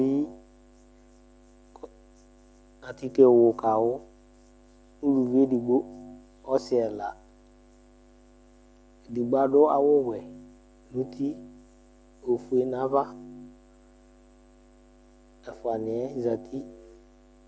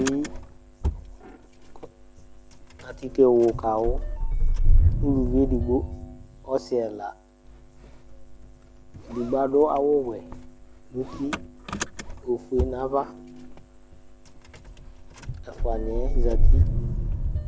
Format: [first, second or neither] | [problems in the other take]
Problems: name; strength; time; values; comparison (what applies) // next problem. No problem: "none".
first | background sound (Engine starting / Motor vehicle (road)); 3 dB above the speech